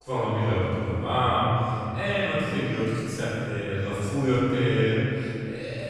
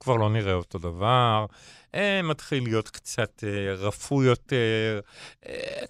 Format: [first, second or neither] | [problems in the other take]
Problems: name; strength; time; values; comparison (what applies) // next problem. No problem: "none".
second | off-mic speech; far // room echo; strong; dies away in 3 s